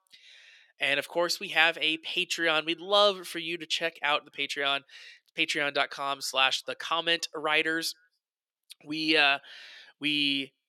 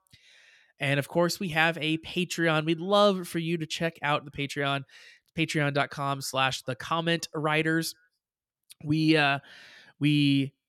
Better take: second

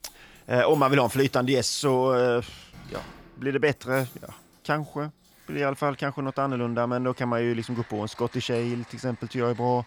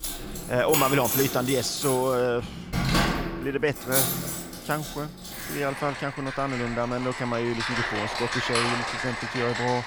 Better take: first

